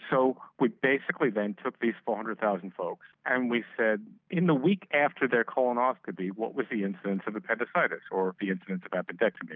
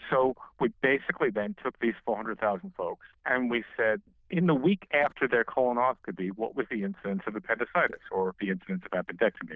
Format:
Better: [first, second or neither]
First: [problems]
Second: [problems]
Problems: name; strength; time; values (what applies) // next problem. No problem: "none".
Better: first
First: none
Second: noise reduction (neural diffusion model UNIVERSE++)